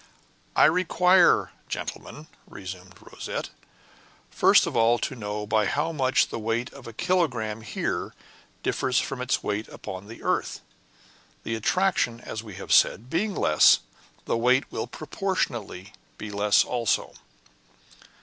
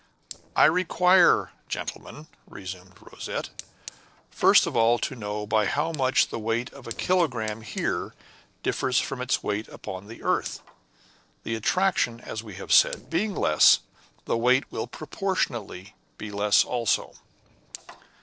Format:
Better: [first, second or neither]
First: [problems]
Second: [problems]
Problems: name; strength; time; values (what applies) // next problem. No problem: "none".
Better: first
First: none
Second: noise reduction (neural separator model SepFormer DNS4)